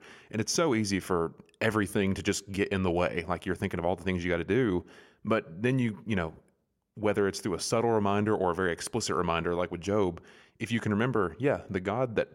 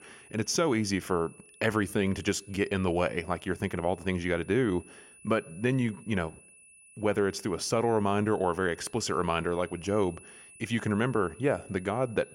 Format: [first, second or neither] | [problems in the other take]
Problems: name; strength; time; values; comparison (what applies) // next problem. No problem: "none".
first | high-pitched whine; faint; throughout; 2.5 kHz, 25 dB below the speech